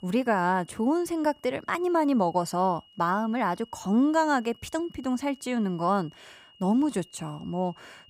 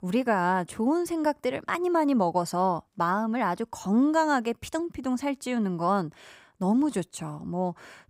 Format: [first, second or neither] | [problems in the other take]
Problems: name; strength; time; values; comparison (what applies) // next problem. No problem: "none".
second | high-pitched whine; faint; throughout; 3 kHz, 30 dB below the speech